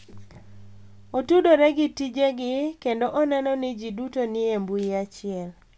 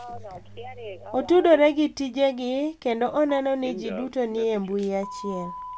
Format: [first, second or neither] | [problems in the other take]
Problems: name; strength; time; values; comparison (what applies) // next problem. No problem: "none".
first | background sound (Telephone); 15 dB below the speech